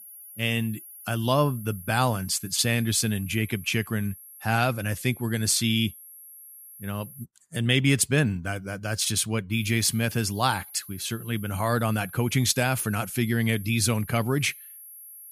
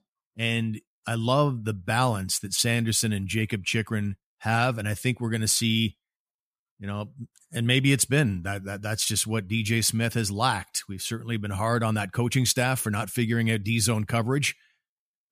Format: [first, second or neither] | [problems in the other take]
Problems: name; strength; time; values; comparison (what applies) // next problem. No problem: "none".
second | high-pitched whine; noticeable; until 7 s and from 9.5 s on; 11.5 kHz, 15 dB below the speech